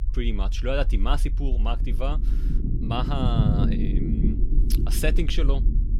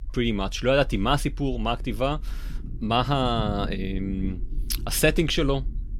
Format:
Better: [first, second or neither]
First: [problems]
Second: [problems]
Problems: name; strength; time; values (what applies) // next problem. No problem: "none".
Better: second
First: low rumble; loud; throughout; 5 dB below the speech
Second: low rumble; faint; throughout; 20 dB below the speech